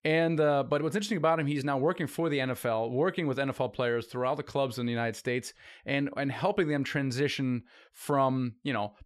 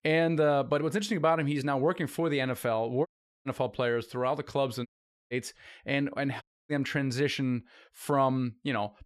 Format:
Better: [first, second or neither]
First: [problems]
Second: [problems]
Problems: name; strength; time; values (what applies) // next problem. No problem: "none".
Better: first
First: none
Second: audio cutting out; at 3 s, at 5 s and at 6.5 s